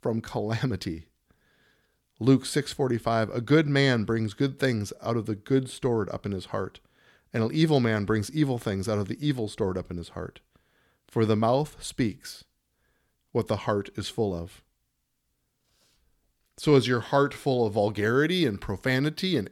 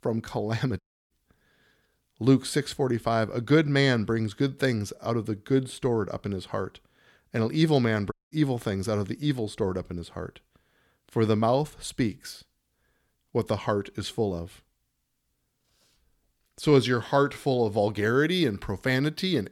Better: first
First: none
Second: audio cutting out; at 1 s and at 8 s

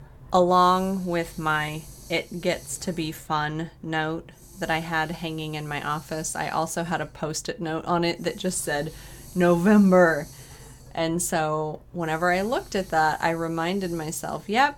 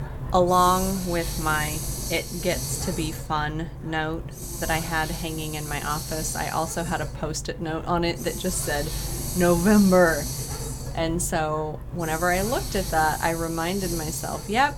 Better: first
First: hiss; faint; throughout; 20 dB below the speech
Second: hiss; loud; throughout; 7 dB below the speech

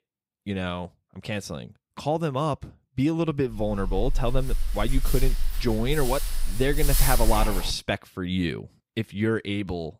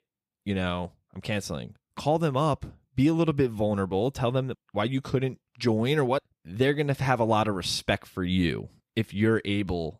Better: second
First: dog barking; loud; from 3.5 to 7.5 s; peak 4 dB above the speech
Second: none

